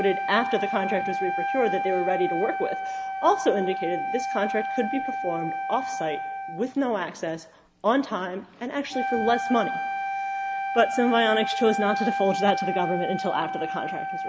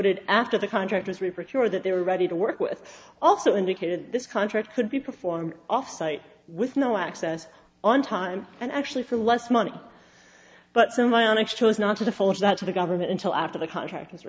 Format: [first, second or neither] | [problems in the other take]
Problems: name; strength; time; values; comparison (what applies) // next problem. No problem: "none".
second | background sound (Wind instrument, woodwind instrument); 3 dB below the speech